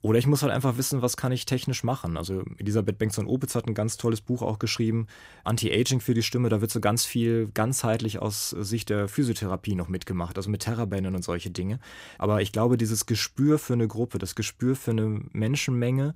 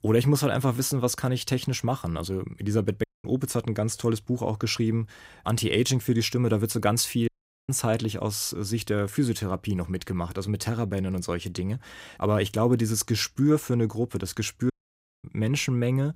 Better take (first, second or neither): first